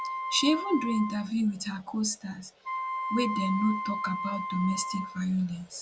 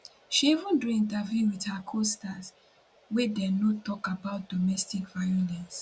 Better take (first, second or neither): second